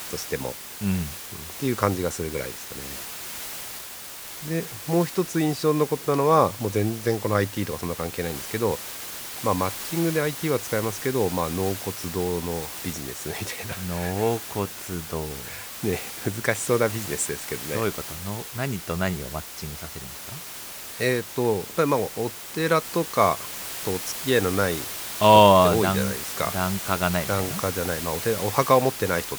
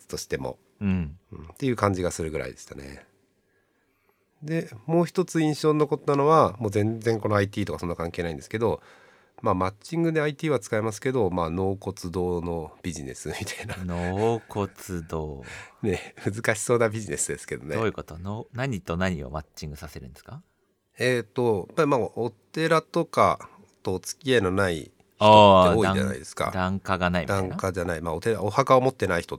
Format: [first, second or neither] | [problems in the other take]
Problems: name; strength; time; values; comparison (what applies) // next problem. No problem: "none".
second | hiss; loud; throughout; 7 dB below the speech